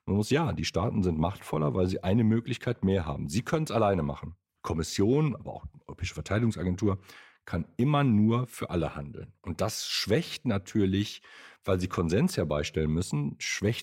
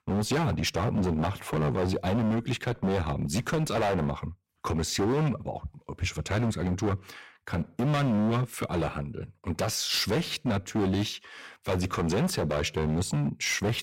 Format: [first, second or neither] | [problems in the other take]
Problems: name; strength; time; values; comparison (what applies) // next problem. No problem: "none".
first | distortion; heavy; 17% of the sound clipped